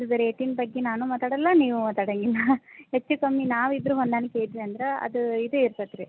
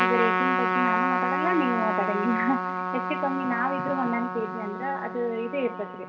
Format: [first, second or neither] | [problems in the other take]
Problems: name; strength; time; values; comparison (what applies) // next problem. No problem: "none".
first | background sound (Trumpet); 1 dB above the speech // room echo; dies away in 2.3 s